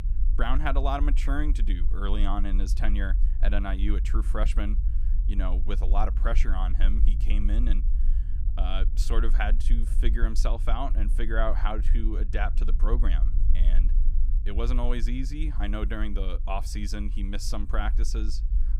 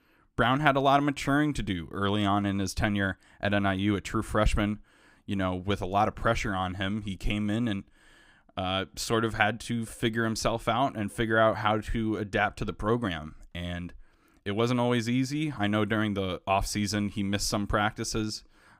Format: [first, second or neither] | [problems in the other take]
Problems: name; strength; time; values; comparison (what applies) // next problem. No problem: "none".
second | low rumble; noticeable; throughout; 15 dB below the speech